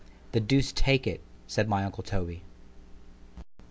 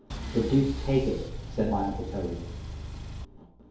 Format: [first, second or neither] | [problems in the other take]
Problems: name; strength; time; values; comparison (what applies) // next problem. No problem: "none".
first | background sound (Engine); 7 dB below the speech // room echo; dies away in 2.4 s